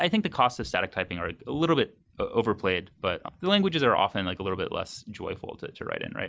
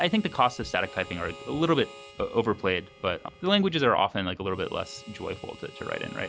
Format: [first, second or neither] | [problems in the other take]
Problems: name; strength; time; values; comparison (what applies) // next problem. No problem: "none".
first | background sound (Harmonica); 20 dB below the speech